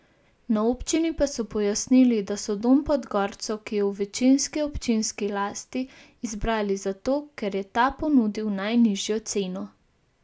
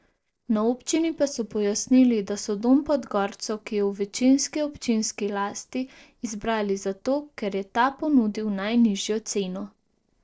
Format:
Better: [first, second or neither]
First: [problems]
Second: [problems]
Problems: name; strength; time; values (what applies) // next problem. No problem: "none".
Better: first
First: none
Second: noise reduction (neural separator model SepFormer DNS4)